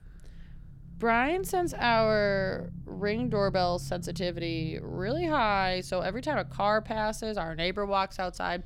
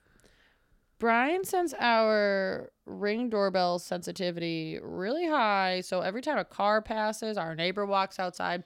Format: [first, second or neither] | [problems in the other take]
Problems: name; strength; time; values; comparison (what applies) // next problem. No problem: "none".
second | low rumble; faint; throughout; 25 dB below the speech